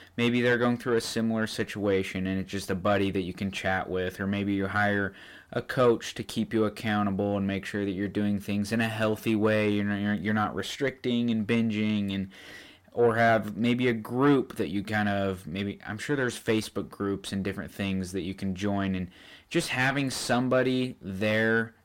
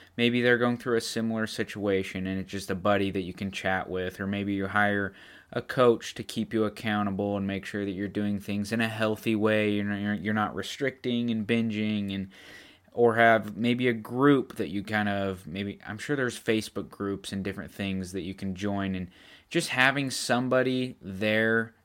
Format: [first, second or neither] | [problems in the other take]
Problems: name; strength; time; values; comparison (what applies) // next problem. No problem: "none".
second | distortion; slight; 10 dB below the speech